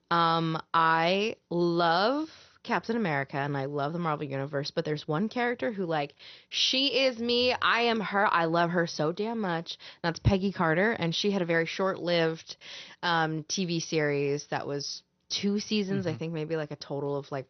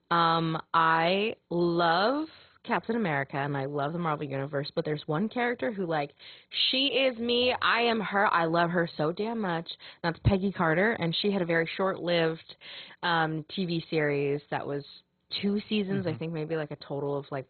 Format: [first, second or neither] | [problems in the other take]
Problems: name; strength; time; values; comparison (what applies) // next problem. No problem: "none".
first | garbled, watery; badly; nothing above 4 kHz; slightly in the first